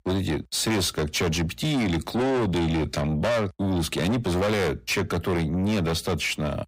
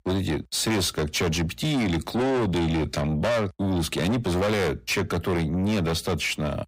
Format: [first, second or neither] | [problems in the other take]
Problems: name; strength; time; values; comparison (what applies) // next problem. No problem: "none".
neither | distortion; heavy; 6 dB below the speech; the same in both